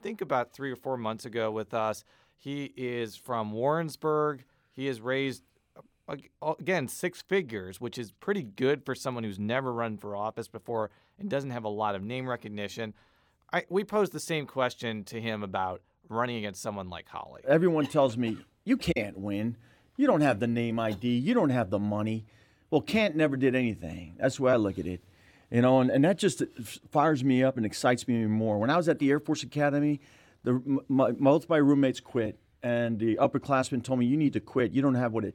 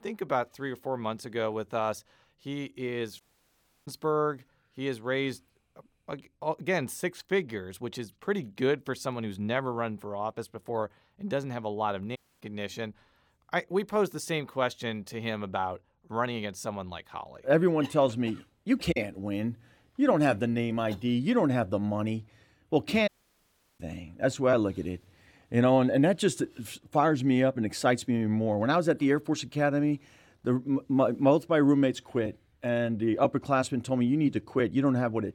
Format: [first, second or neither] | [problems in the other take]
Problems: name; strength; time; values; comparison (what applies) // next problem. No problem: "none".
first | audio cutting out; at 3 s for 0.5 s, at 12 s and at 23 s for 0.5 s